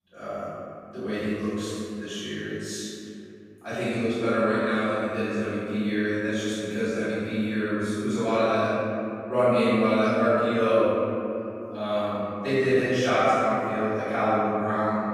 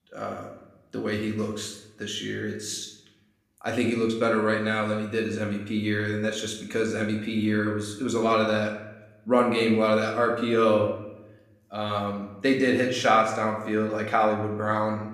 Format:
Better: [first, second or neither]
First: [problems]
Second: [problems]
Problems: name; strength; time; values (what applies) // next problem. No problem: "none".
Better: second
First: room echo; strong; dies away in 2.8 s // off-mic speech; far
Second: room echo; slight; dies away in 0.7 s // off-mic speech; somewhat distant